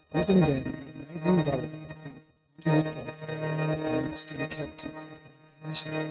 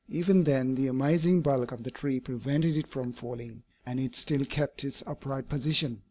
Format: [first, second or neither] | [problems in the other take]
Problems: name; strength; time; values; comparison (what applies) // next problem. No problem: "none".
second | noise reduction (neural mask model RNNoise)